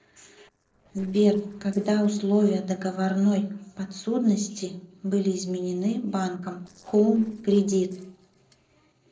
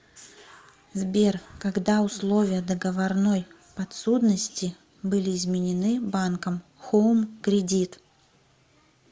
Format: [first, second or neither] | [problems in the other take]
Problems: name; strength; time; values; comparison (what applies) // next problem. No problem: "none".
second | noise reduction (neural separator model SepFormer DNS4)